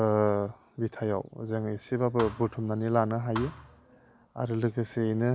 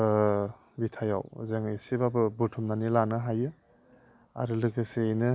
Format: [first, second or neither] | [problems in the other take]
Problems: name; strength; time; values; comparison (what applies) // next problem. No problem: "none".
second | background sound (Thump, thud); 15 dB below the speech